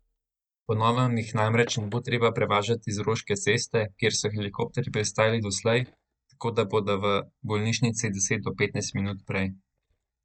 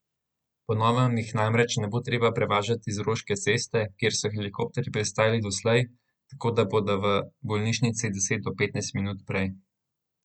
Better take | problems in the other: second | noise reduction (neural mask model DeepFilterNet 3)

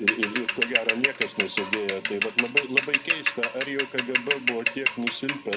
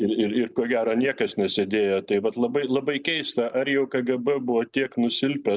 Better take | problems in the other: second | background sound (Mechanisms / Bicycle); 4 dB above the speech

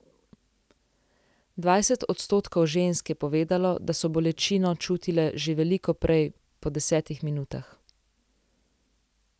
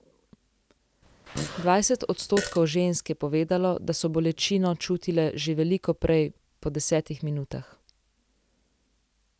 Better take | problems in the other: first | background sound (Fart); 10 dB below the speech

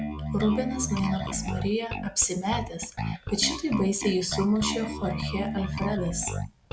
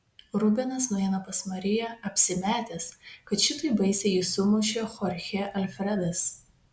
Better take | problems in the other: second | background sound (Bass guitar); 5 dB below the speech

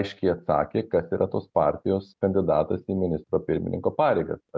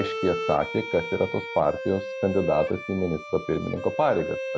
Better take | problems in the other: first | background sound (Bowed string instrument); 7 dB below the speech

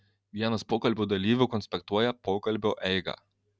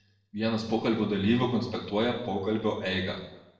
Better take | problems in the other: first | room echo; dies away in 0.8 s

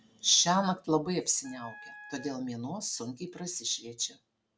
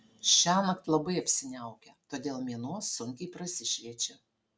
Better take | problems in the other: second | background sound (Wind instrument, woodwind instrument); 20 dB below the speech

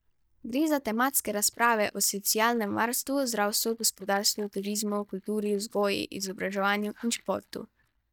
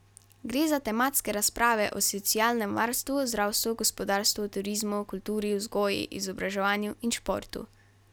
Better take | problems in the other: second | noise reduction (neural mask model DeepFilterNet 3)

